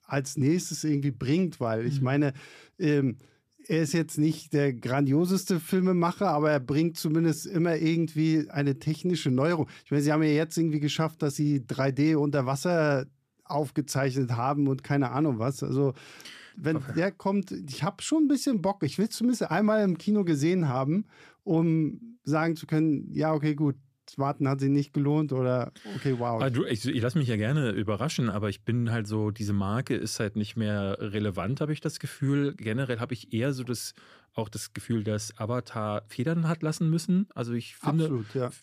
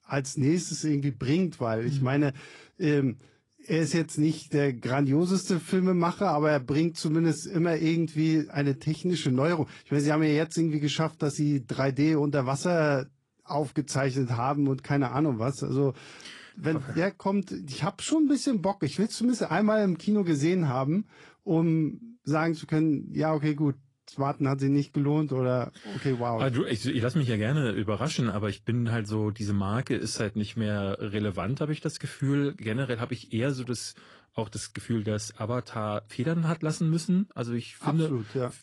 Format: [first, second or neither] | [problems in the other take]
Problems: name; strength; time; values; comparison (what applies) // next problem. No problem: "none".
first | garbled, watery; slightly; nothing above 10.5 kHz